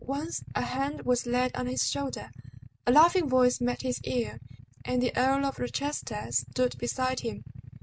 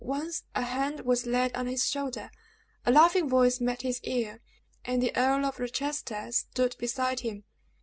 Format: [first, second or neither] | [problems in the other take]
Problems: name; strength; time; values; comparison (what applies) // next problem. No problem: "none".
second | noise reduction (neural mask model RNNoise)